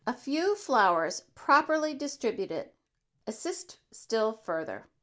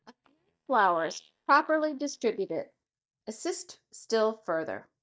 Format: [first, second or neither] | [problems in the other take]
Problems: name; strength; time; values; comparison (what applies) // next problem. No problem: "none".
first | noise reduction (neural mask model DeepFilterNet 3)